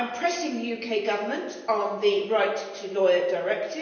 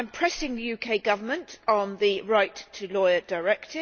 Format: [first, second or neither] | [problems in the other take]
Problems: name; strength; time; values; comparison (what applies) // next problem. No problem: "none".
second | room echo; dies away in 1 s